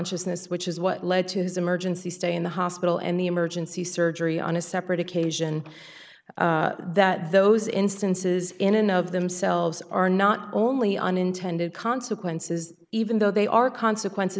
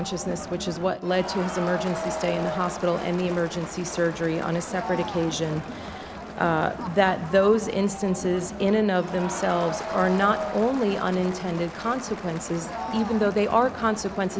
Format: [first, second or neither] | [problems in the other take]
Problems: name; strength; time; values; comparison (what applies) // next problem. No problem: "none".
first | background sound (Crowd); 9 dB below the speech